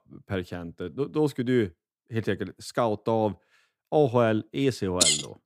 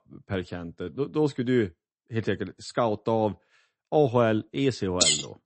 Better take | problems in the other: first | garbled, watery; slightly; nothing above 8 kHz

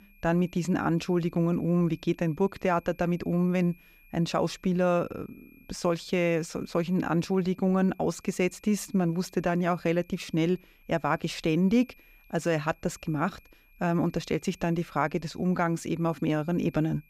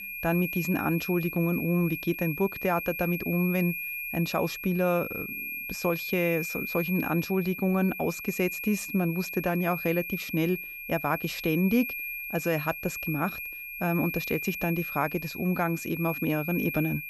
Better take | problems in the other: first | high-pitched whine; loud; throughout; 2.5 kHz, 5 dB below the speech; faint in the first

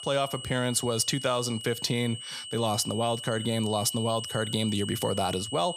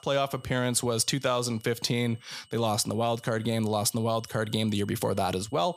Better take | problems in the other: second | high-pitched whine; loud; throughout; 3 kHz, 8 dB below the speech; faint in the second

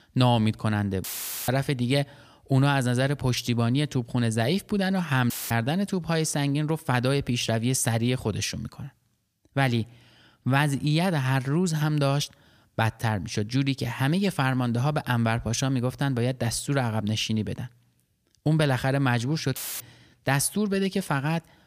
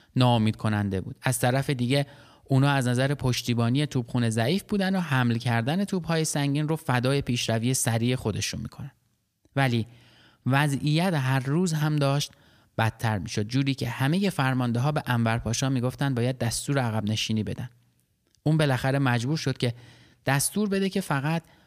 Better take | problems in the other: second | audio cutting out; filled with static; at 1 s, at 5.5 s and at 20 s

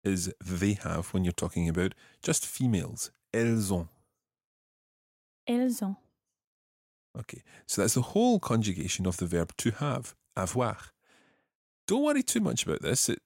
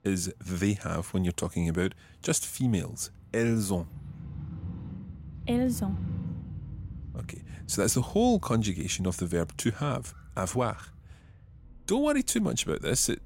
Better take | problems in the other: first | traffic noise; noticeable; throughout; 15 dB below the speech

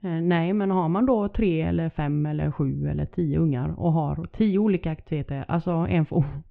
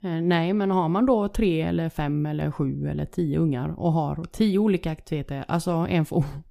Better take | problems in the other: second | muffled; very; fading above 3 kHz

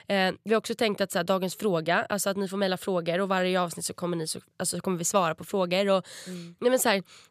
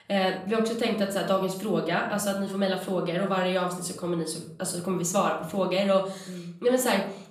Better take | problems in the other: first | off-mic speech; far // room echo; slight; dies away in 0.5 s

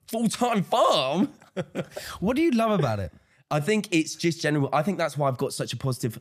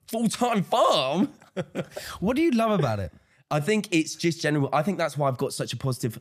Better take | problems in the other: neither | none

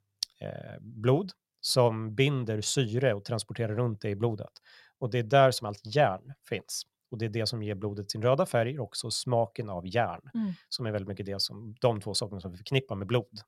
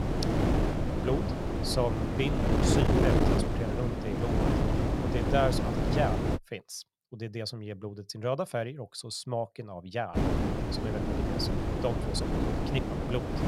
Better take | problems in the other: first | wind noise on the microphone; heavy; until 6.5 s and from 10 s on; 1 dB above the speech

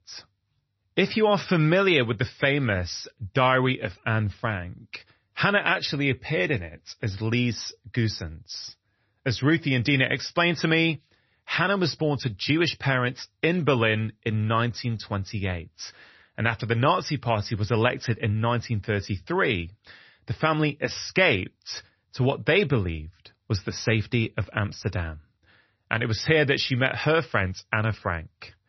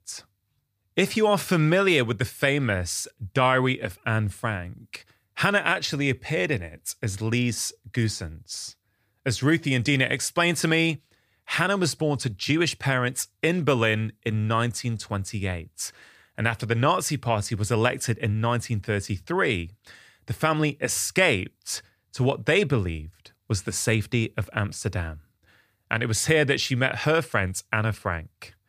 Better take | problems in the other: second | garbled, watery; slightly; nothing above 6 kHz

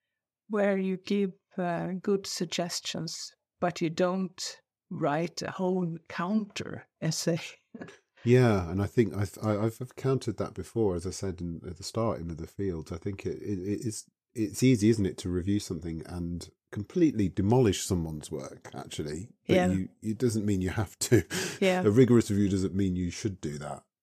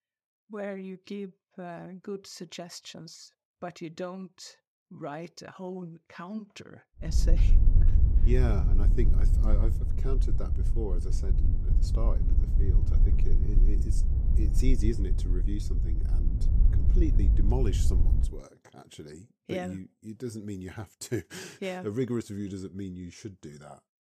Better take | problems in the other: first | wind noise on the microphone; heavy; from 7 to 18 s; 6 dB below the speech

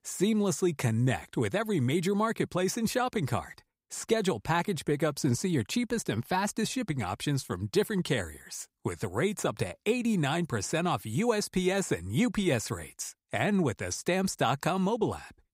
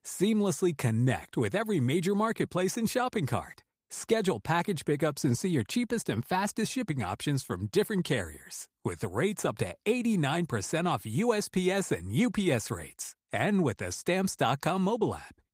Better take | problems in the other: first | garbled, watery; slightly; nothing above 15.5 kHz

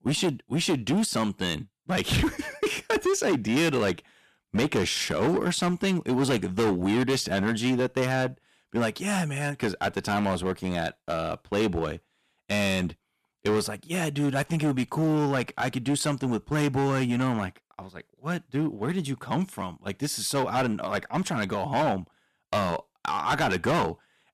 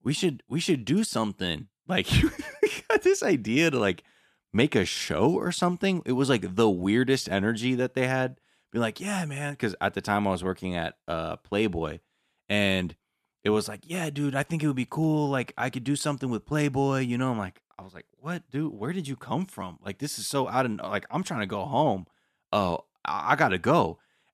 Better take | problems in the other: second | distortion; heavy; 11% of the sound clipped

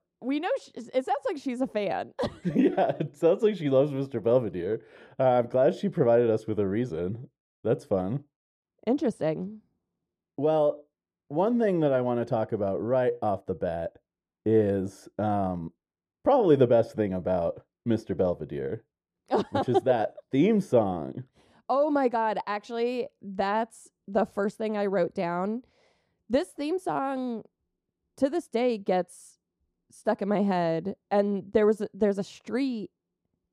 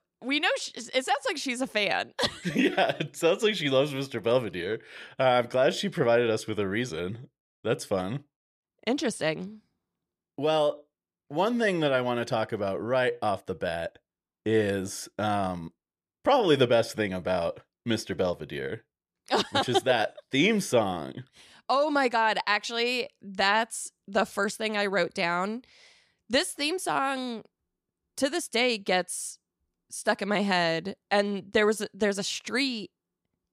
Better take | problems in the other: second | muffled; very; fading above 1 kHz

